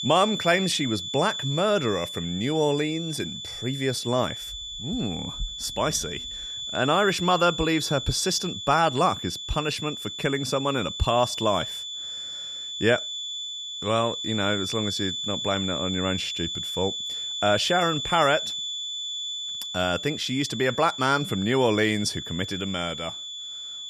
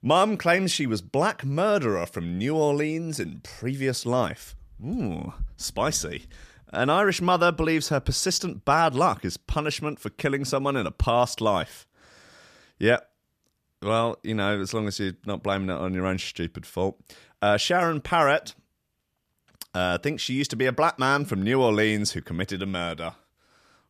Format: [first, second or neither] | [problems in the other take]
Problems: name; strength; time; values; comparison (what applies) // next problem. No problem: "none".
second | high-pitched whine; loud; throughout; 3.5 kHz, 5 dB below the speech